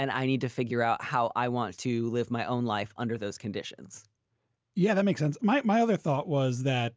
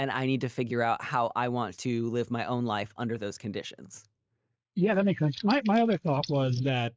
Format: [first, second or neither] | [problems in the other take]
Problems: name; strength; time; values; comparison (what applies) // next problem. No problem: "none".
first | noise reduction (neural mask model Resemble Enhance denoiser)